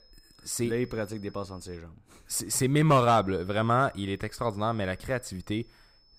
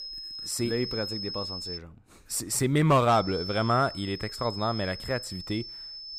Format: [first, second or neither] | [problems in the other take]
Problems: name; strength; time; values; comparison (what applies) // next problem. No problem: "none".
first | high-pitched whine; loud; until 2 s and from 3 s on; 5 kHz, 8 dB below the speech; faint in the first